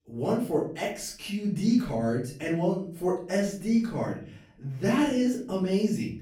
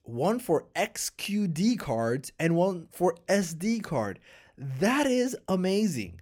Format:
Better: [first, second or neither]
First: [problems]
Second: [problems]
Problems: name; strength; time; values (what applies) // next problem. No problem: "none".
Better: second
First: off-mic speech; far // room echo; slight; dies away in 0.5 s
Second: none